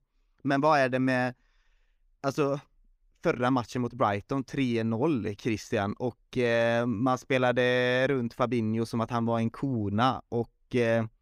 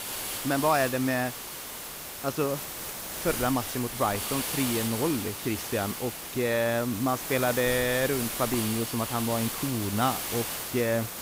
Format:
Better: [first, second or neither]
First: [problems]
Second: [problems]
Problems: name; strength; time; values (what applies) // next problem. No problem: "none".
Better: first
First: none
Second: hiss; loud; throughout; 4 dB below the speech